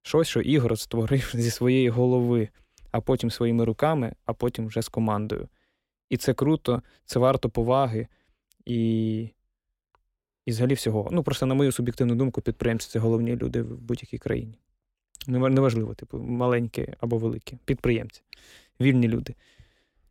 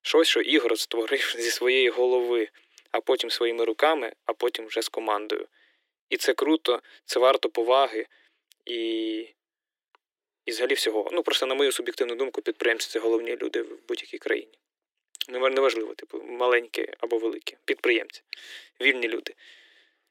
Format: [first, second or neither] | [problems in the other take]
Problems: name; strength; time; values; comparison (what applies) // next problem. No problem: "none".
first | thin; very; fading below 300 Hz